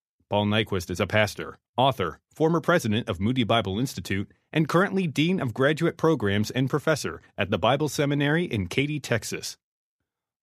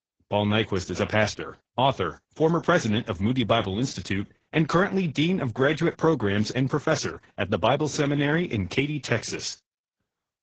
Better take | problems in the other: first | garbled, watery; badly; nothing above 7.5 kHz

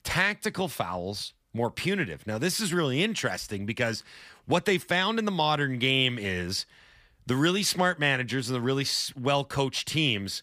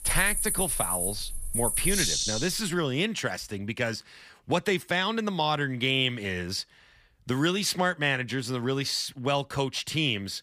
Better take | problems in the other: first | animal sounds; very loud; until 2 s; 1 dB above the speech

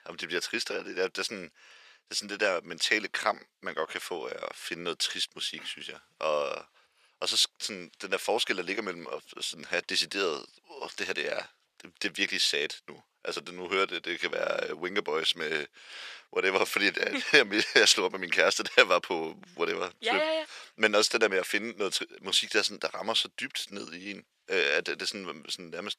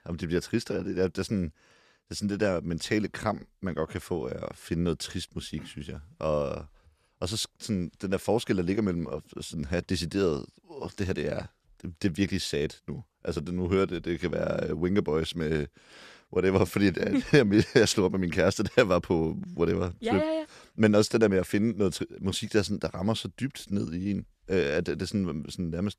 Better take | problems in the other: second | thin; very; fading below 550 Hz

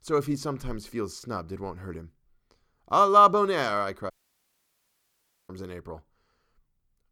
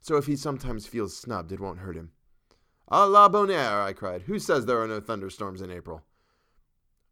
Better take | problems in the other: second | audio cutting out; at 4 s for 1.5 s

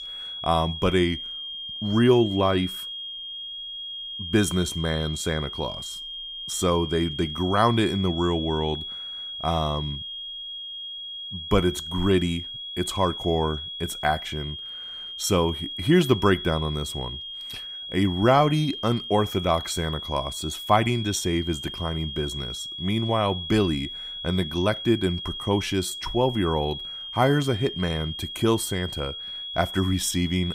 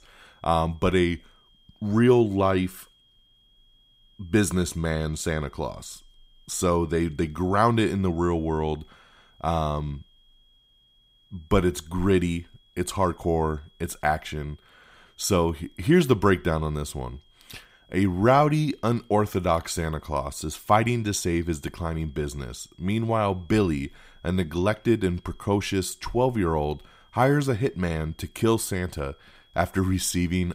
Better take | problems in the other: second | high-pitched whine; loud; throughout; 3.5 kHz, 8 dB below the speech; faint in the second

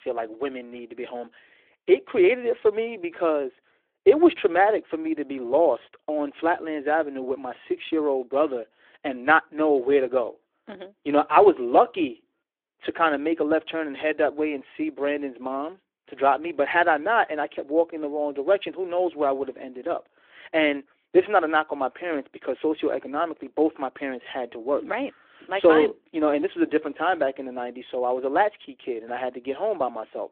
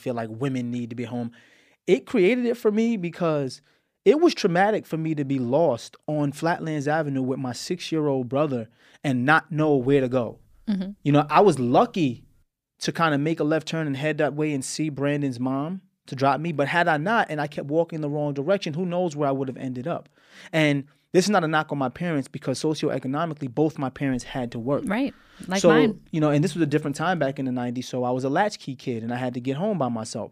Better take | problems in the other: second | phone-call audio

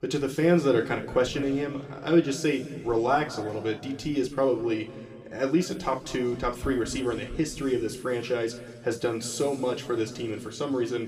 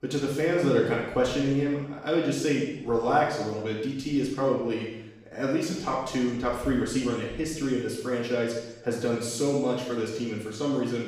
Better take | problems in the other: first | room echo; strong; dies away in 0.8 s; slight in the first // off-mic speech; far; somewhat distant in the first

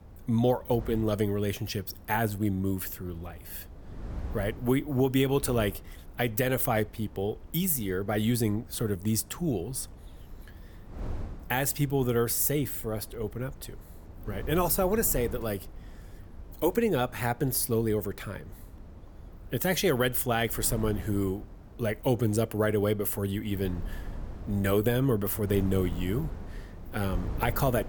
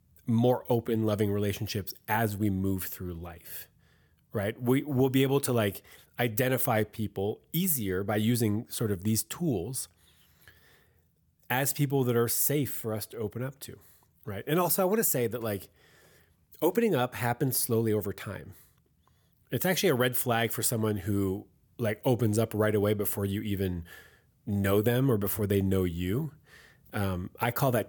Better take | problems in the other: second | wind noise on the microphone; occasional gusts; 20 dB below the speech

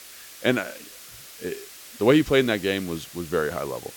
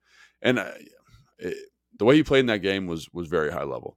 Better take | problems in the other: second | hiss; noticeable; throughout; 15 dB below the speech

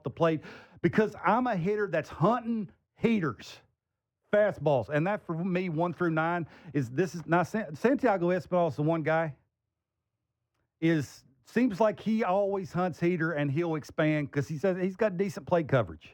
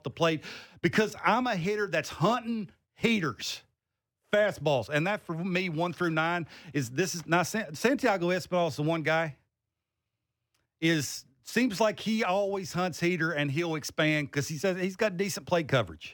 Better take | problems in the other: second | muffled; slightly; fading above 2 kHz

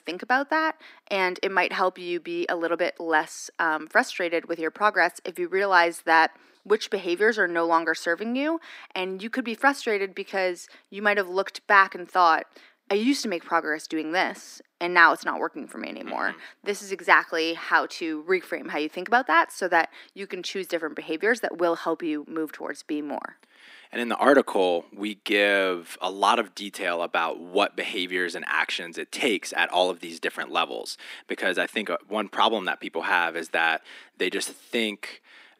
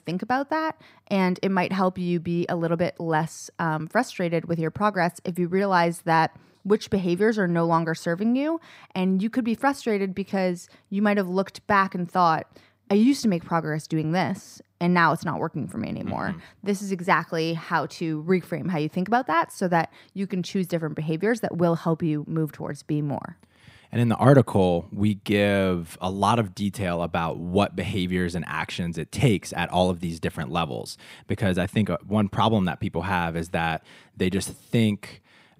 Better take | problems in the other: second | thin; somewhat; fading below 250 Hz

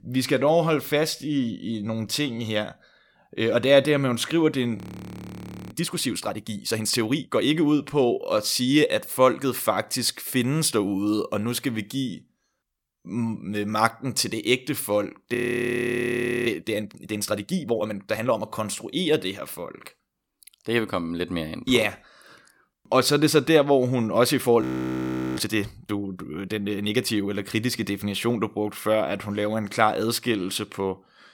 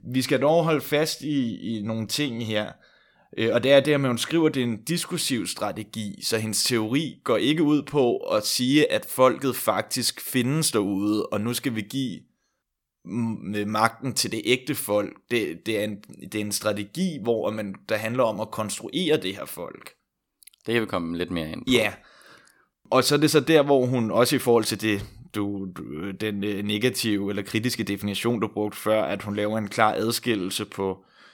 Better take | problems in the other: second | audio freezing; at 5 s for 1 s, at 15 s for 1 s and at 25 s for 1 s

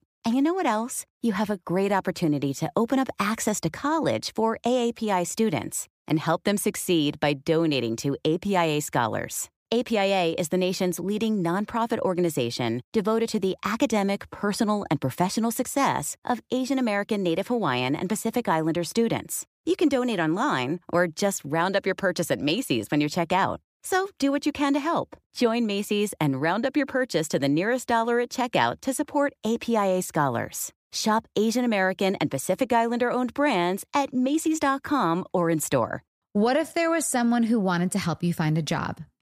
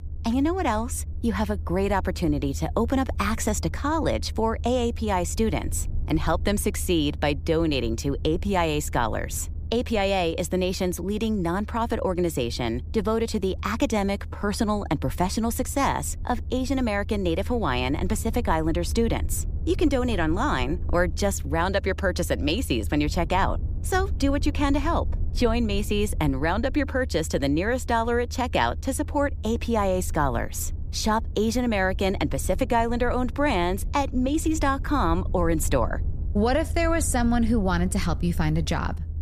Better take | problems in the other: first | low rumble; faint; throughout; 25 dB below the speech

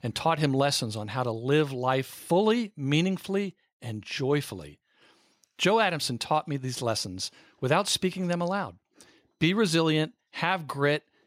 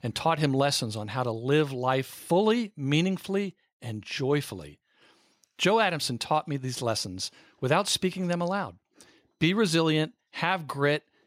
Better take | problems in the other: neither | none

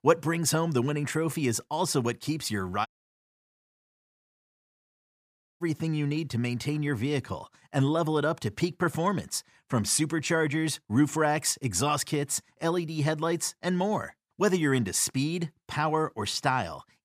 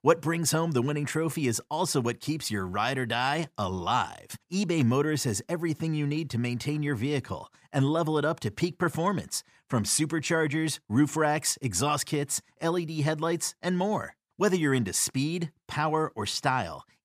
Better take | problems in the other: second | audio cutting out; at 3 s for 2.5 s

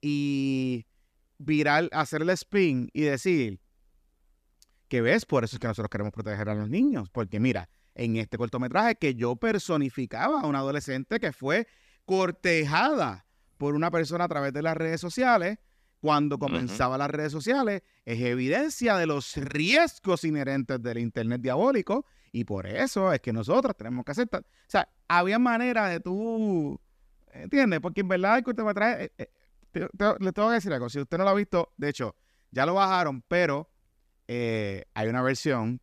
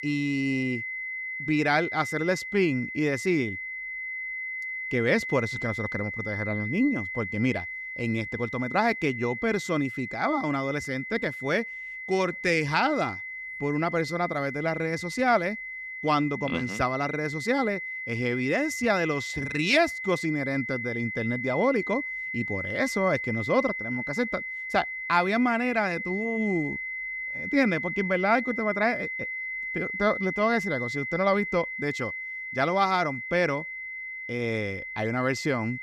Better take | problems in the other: first | high-pitched whine; loud; throughout; 2 kHz, 5 dB below the speech

